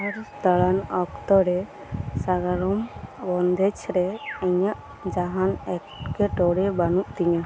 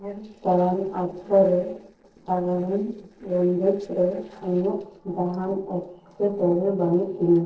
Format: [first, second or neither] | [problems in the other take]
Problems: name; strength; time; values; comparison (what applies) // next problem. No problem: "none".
first | noise reduction (neural separator model SepFormer DNS4)